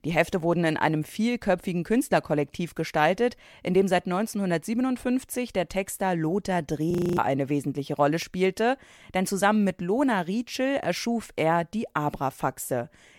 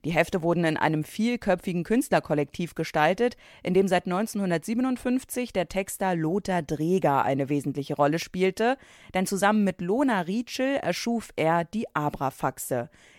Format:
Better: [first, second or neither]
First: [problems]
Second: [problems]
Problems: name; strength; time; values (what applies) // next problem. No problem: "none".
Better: second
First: audio freezing; at 7 s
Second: none